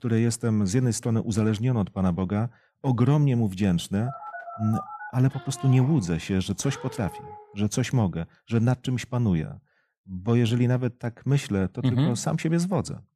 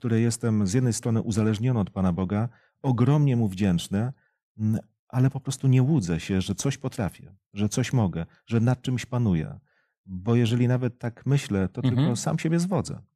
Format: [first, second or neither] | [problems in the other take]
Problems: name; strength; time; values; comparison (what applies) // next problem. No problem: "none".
second | phone ringing; faint; from 4 to 7.5 s; peak 10 dB below the speech